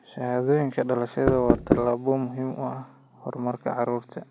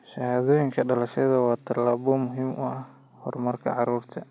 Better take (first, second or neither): second